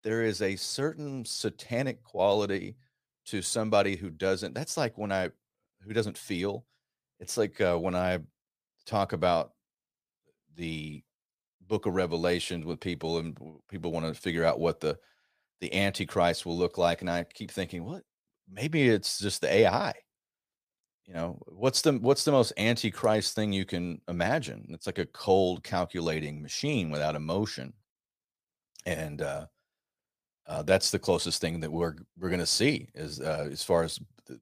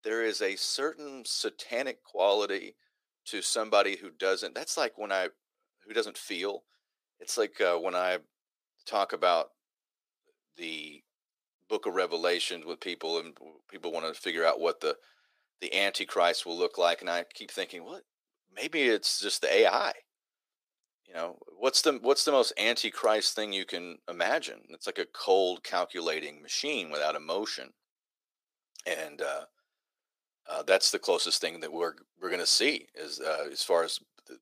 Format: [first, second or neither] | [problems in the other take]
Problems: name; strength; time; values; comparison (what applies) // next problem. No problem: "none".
first | thin; somewhat; fading below 350 Hz